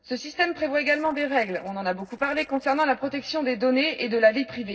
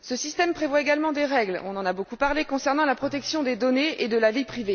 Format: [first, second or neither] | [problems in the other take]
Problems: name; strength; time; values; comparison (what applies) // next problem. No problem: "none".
second | noise reduction (neural separator model SepFormer DNS4)